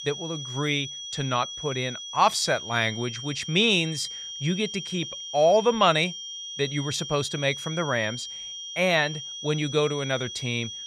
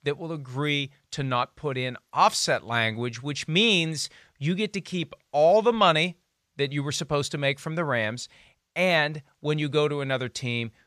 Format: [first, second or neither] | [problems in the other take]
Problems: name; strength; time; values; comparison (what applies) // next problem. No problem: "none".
second | high-pitched whine; loud; throughout; 3 kHz, 9 dB below the speech